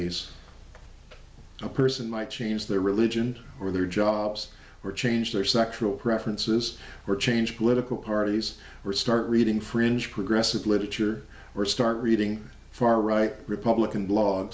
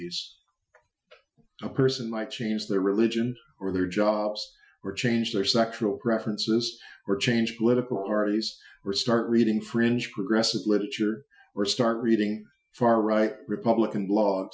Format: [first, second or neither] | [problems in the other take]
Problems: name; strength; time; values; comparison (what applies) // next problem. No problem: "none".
first | noise reduction (classical method Wiener filter)